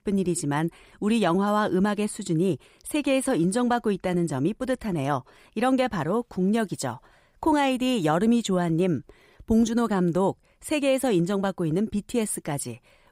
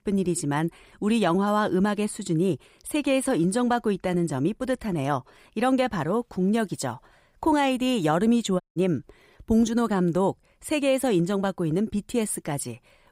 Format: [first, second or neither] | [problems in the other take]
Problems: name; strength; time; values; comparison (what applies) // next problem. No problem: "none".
first | audio cutting out; at 8.5 s